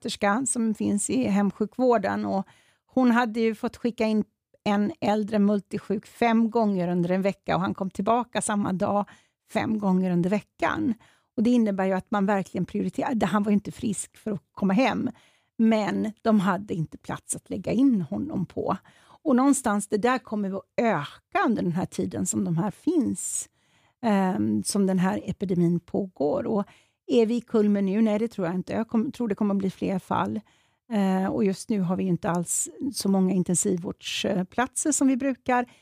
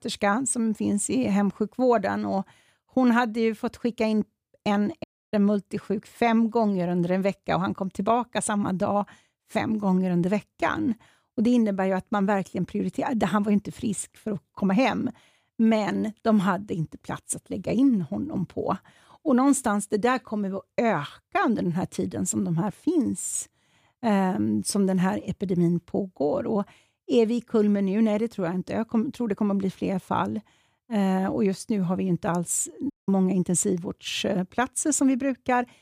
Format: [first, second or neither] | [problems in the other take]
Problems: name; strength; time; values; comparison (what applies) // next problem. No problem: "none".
first | audio cutting out; at 5 s and at 33 s